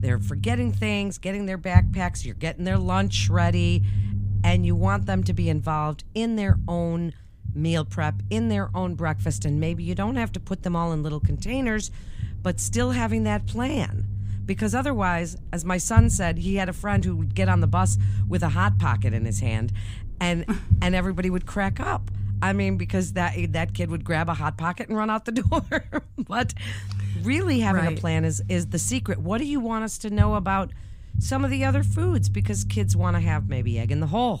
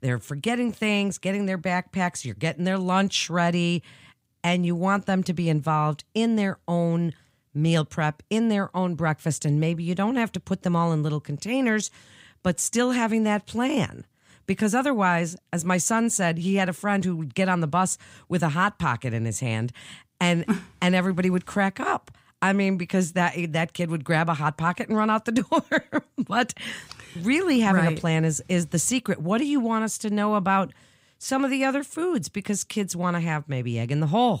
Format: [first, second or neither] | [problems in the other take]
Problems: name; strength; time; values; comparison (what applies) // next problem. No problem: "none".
second | low rumble; noticeable; throughout; 15 dB below the speech